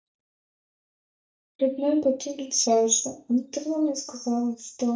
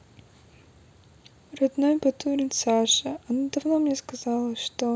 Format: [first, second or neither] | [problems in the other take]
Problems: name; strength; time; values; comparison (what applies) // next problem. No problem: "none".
second | noise reduction (neural mask model DeepFilterNet 3)